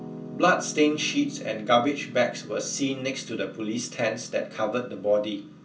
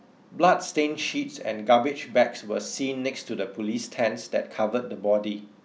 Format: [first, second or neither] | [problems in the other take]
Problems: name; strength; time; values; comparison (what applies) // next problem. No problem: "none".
second | background sound (Piano); 15 dB below the speech // room echo; dies away in 0.2 s